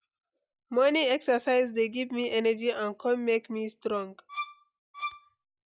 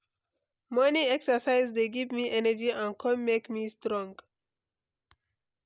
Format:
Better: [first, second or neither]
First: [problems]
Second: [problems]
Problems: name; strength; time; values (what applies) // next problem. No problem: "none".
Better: second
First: noise reduction (classical method log-MMSE)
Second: none